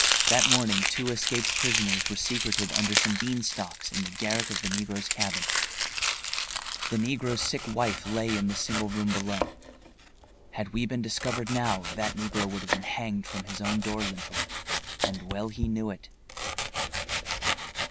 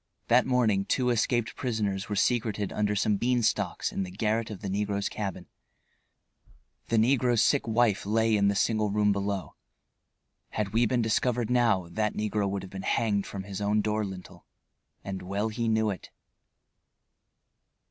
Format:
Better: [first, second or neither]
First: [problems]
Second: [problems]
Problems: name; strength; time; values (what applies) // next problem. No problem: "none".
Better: second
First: background sound (Domestic sounds, home sounds); 1 dB above the speech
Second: none